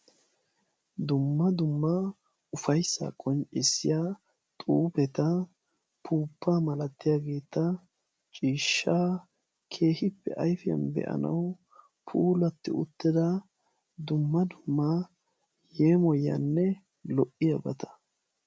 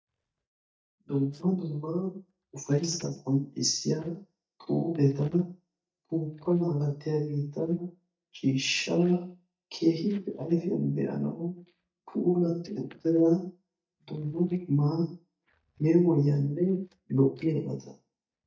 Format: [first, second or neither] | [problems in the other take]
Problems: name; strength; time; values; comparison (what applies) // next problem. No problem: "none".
first | noise reduction (neural mask model DeepFilterNet 3)